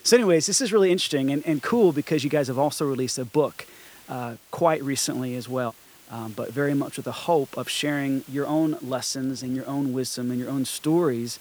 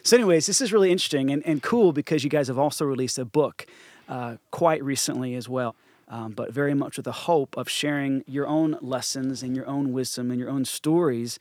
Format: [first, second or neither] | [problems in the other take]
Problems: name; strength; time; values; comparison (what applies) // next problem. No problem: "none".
second | hiss; faint; throughout; 20 dB below the speech